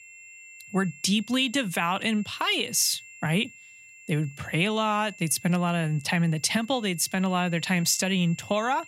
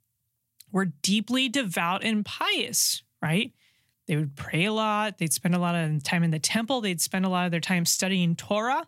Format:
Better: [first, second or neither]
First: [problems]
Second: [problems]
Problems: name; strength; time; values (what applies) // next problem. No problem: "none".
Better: second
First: high-pitched whine; noticeable; throughout; 2.5 kHz, 20 dB below the speech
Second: none